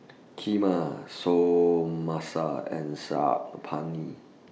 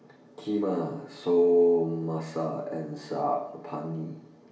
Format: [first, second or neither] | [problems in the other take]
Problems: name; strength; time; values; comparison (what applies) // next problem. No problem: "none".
first | room echo; dies away in 0.8 s